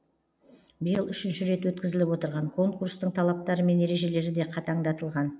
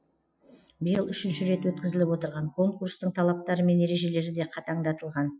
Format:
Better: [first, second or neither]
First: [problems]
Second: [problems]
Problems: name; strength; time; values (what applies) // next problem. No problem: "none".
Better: first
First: none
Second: noise reduction (classical method Wiener filter)